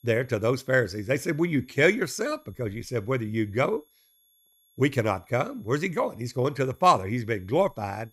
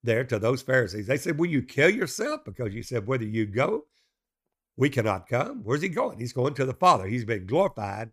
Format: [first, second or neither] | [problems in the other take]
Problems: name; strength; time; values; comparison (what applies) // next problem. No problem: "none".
second | high-pitched whine; faint; throughout; 11.5 kHz, 35 dB below the speech